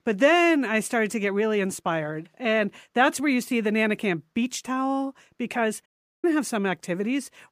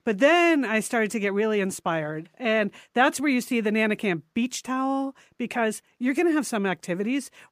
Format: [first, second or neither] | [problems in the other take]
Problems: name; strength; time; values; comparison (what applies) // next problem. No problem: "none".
second | audio cutting out; at 6 s